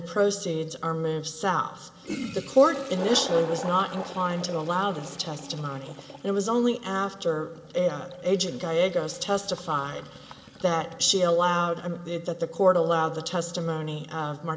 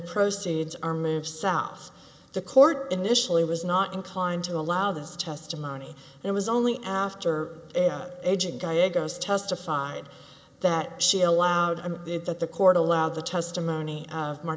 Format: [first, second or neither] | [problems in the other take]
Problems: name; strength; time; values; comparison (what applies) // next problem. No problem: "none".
second | background sound (Toilet flush); 15 dB below the speech // room echo; dies away in 0.4 s